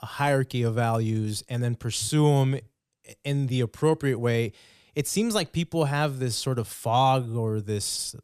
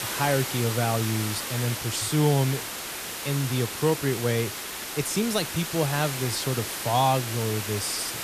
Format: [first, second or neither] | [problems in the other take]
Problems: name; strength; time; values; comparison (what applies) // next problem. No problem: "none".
first | hiss; loud; throughout; 4 dB below the speech